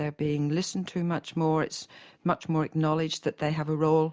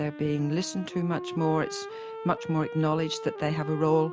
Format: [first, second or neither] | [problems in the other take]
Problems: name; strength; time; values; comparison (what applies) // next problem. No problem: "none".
first | background sound (Wind instrument, woodwind instrument); 11 dB below the speech